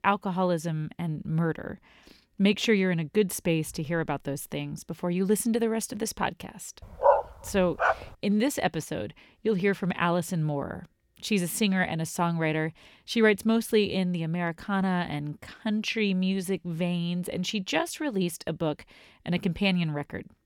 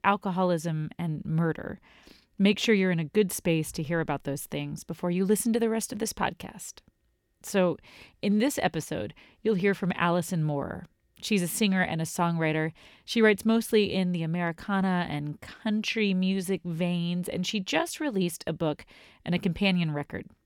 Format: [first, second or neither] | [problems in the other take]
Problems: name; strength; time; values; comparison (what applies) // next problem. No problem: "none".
second | dog barking; loud; at 7 s; peak 5 dB above the speech